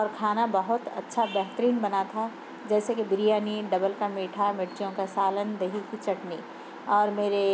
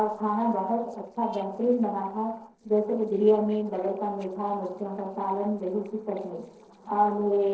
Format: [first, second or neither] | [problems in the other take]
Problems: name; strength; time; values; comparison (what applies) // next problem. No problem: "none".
first | noise reduction (neural separator model SepFormer DNS4)